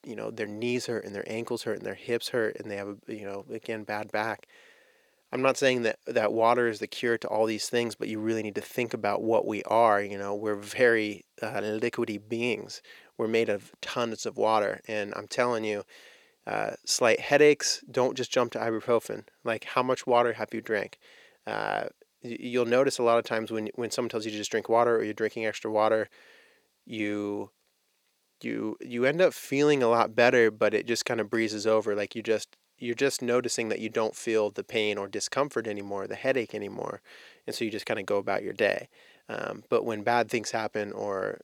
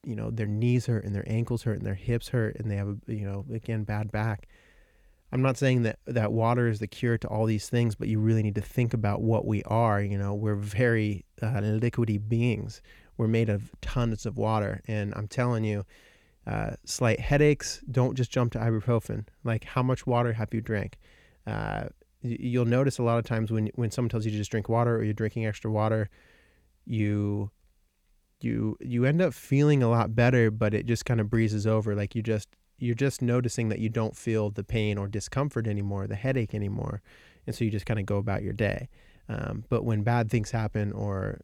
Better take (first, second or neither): second